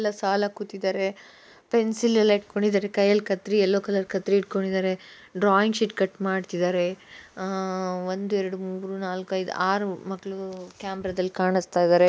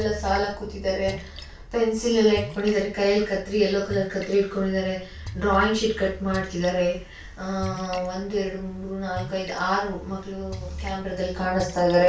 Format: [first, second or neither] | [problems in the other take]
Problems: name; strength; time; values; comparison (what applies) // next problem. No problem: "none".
first | background sound (Splash, splatter); 13 dB below the speech // room echo; dies away in 0.3 s